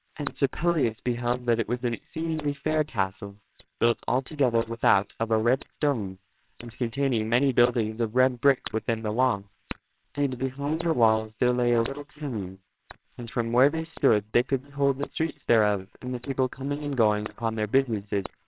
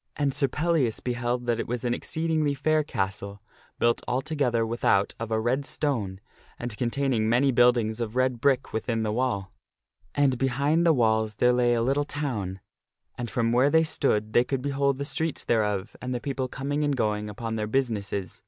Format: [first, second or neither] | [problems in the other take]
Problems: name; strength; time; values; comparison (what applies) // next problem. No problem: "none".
second | noise reduction (neural separator model SepFormer WHAMR!)